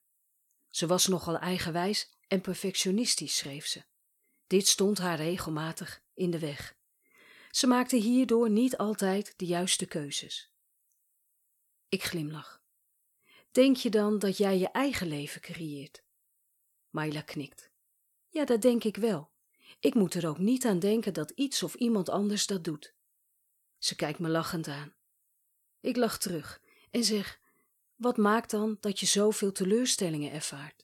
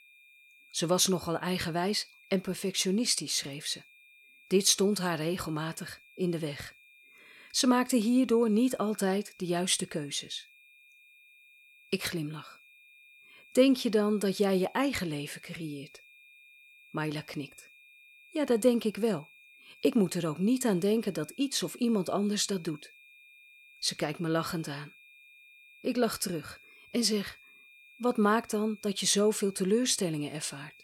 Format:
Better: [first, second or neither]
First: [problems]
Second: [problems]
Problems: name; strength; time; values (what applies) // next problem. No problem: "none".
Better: first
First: none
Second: high-pitched whine; faint; throughout; 2.5 kHz, 25 dB below the speech